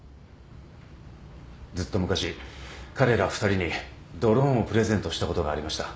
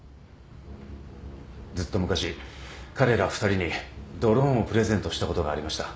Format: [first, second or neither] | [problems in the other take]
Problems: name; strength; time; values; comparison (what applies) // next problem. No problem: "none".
first | background sound (Bowed string instrument); 16 dB below the speech